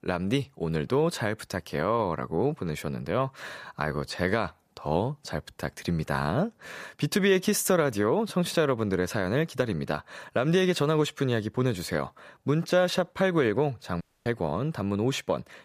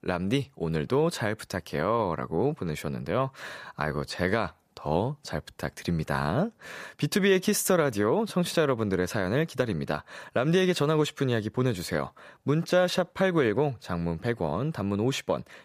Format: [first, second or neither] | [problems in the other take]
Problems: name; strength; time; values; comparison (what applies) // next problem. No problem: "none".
second | audio cutting out; at 14 s